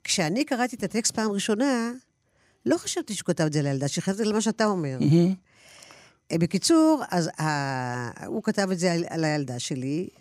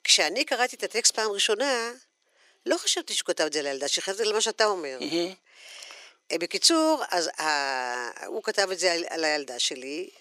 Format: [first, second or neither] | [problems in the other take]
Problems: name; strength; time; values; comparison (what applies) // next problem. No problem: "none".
first | thin; very; fading below 400 Hz